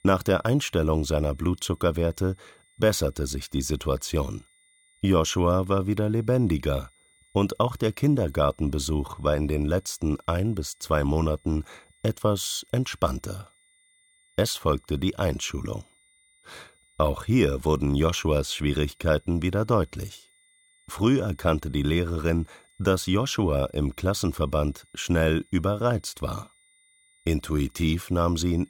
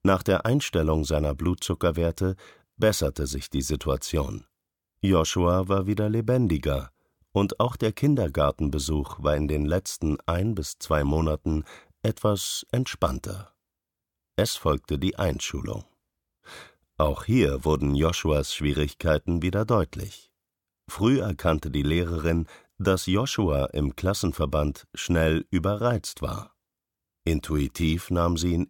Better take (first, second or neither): second